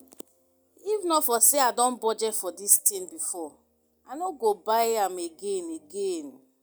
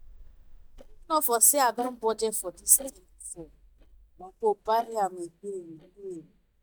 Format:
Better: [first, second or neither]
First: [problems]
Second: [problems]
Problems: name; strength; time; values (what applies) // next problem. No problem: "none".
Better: first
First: none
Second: noise reduction (neural mask model DeepFilterNet 3)